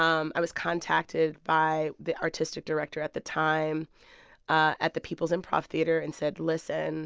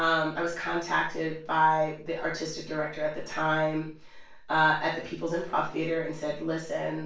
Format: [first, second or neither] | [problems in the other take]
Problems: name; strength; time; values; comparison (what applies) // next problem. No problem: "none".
first | room echo; dies away in 0.3 s